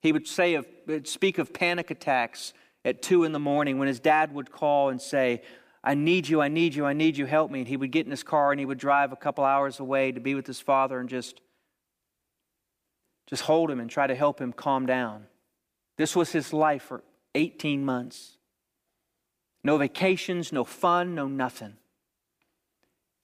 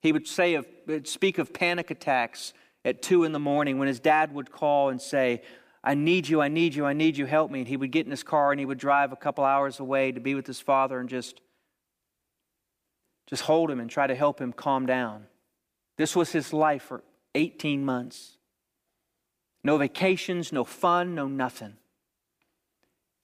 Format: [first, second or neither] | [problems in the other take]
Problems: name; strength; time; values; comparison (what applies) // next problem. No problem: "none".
neither | none